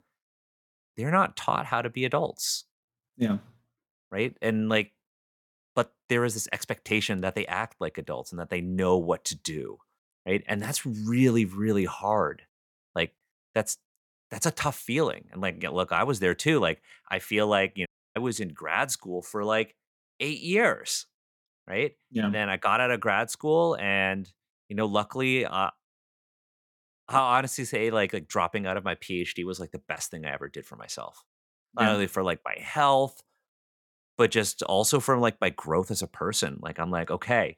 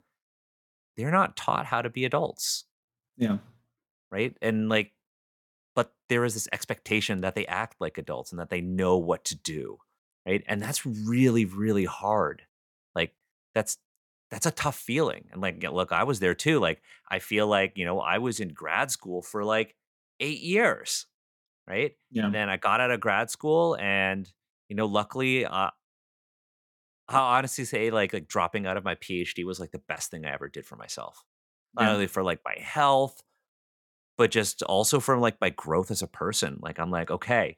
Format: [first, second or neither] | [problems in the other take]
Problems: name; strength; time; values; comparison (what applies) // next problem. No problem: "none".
second | audio cutting out; at 18 s